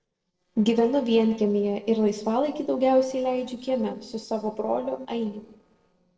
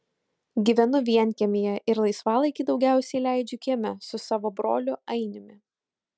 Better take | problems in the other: second | noise reduction (neural separator model SepFormer DNS4)

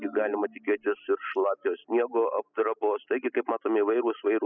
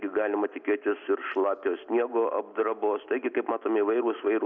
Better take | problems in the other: second | noise reduction (classical method spectral subtraction)

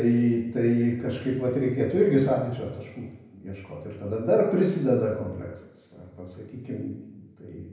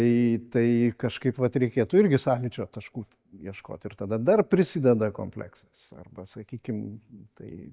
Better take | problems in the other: second | room echo; dies away in 0.9 s

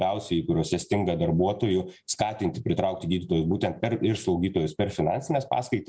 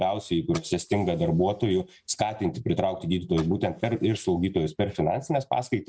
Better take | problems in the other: first | noise reduction (neural mask model RNNoise)

